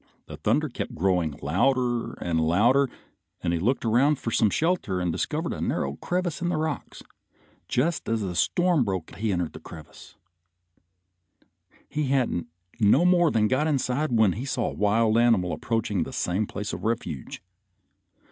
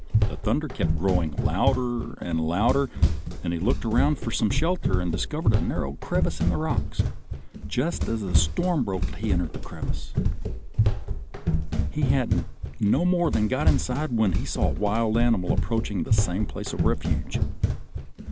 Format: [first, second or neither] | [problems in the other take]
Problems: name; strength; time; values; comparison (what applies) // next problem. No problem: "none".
first | background sound (Run); 2 dB above the speech